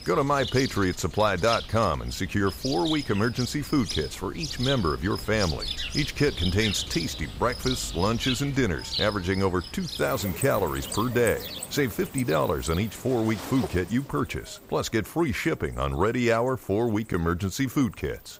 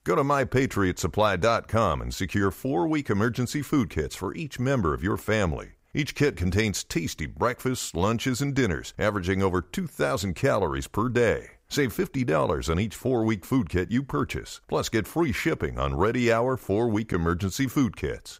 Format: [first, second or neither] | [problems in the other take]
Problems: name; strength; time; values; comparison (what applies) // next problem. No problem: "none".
second | animal sounds; loud; throughout; 7 dB below the speech